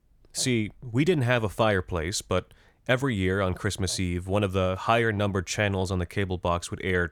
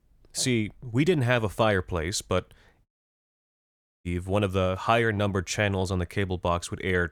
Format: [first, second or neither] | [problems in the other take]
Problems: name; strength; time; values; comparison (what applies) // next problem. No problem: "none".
first | audio cutting out; at 3 s for 1 s